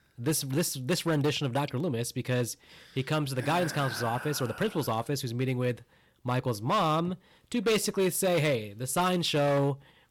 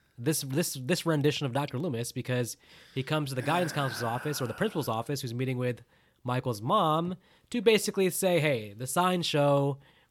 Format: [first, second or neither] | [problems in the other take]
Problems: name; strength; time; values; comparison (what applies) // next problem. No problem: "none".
second | distortion; slight; 7% of the sound clipped